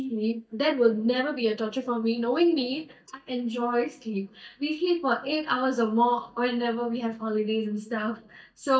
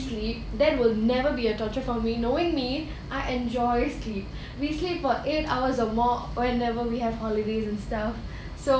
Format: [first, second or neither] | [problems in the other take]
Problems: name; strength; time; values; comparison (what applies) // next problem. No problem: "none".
second | noise reduction (neural mask model DeepFilterNet 3)